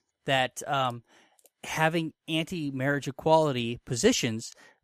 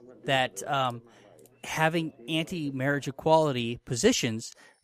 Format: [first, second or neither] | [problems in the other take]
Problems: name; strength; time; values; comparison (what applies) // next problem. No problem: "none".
first | alarms or sirens; faint; throughout; 25 dB below the speech